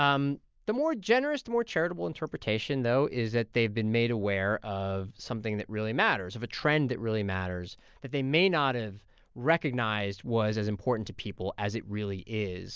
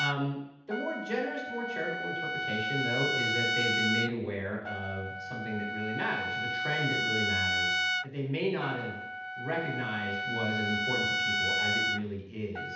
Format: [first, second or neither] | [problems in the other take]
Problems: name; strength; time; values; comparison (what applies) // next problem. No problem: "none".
first | background sound (Trumpet); 2 dB above the speech // room echo; dies away in 0.8 s